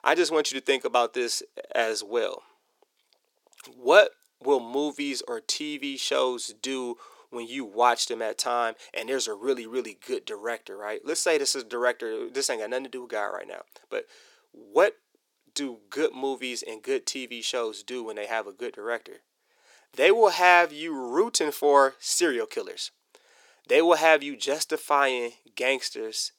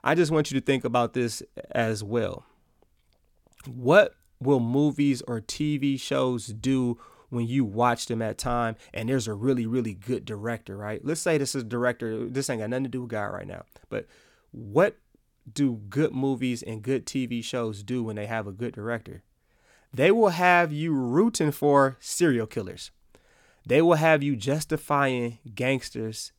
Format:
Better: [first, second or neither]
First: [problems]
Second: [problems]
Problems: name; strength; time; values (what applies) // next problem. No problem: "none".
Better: second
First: thin; somewhat; fading below 400 Hz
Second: none